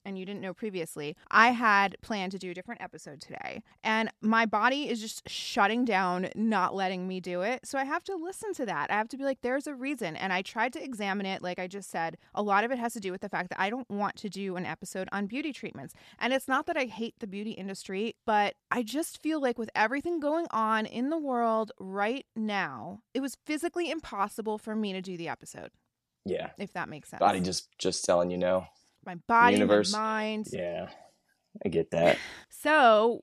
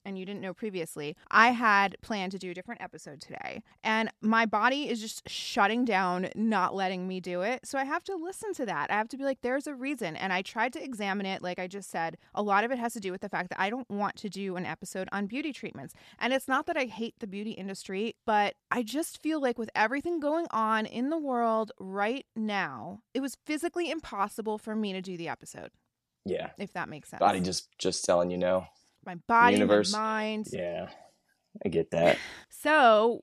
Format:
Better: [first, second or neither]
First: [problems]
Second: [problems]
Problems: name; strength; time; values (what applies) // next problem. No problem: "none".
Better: neither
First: none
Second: none